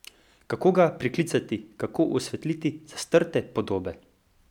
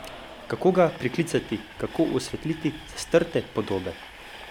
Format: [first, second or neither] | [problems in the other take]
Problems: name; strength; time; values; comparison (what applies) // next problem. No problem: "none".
first | background sound (Train); 16 dB below the speech